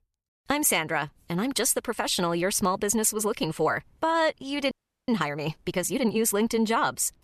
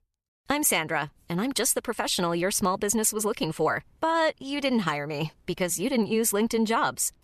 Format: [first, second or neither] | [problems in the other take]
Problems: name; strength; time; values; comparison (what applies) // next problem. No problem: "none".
second | audio freezing; at 4.5 s